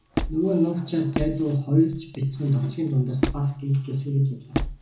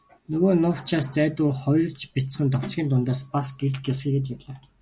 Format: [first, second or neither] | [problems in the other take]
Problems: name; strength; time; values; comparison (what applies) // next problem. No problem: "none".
second | background sound (Squeak); 8 dB below the speech // room echo; dies away in 0.7 s